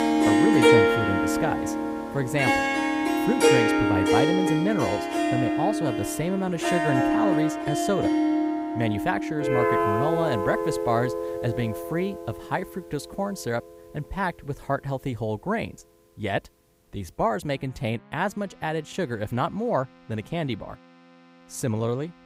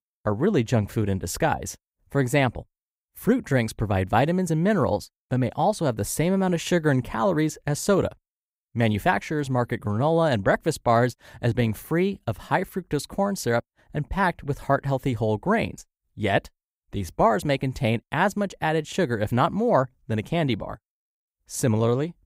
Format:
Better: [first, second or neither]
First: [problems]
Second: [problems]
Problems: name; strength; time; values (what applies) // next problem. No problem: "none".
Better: second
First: background music; very loud; throughout; 5 dB above the speech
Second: none